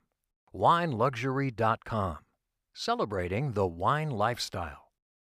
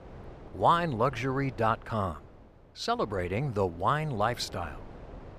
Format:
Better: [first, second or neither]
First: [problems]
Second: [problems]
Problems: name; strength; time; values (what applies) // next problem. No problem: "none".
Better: first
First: none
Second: wind noise on the microphone; occasional gusts; 25 dB below the speech